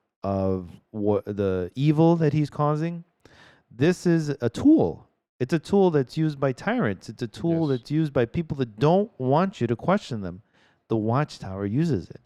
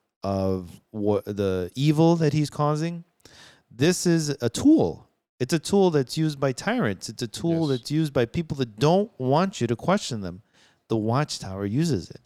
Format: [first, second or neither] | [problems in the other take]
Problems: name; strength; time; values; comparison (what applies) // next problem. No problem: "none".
second | muffled; slightly; fading above 3.5 kHz